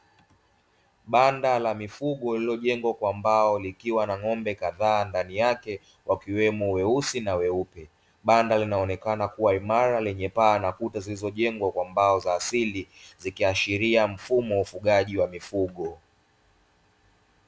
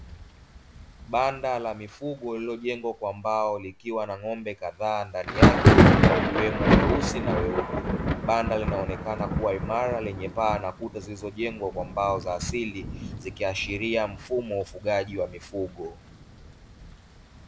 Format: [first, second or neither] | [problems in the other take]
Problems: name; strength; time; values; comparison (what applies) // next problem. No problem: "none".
first | background sound (Thunder); 3 dB above the speech